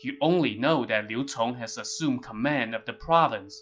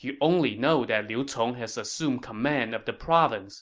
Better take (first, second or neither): second